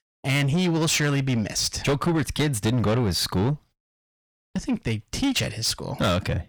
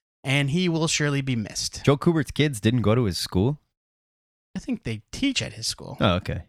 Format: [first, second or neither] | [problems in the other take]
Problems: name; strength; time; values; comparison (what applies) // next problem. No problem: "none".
second | distortion; heavy; 7 dB below the speech